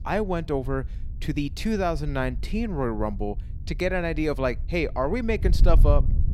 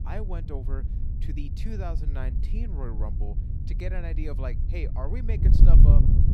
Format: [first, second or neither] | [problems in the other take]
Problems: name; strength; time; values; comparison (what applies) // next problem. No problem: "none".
first | wind noise on the microphone; heavy; 2 dB below the speech; occasional gusts in the first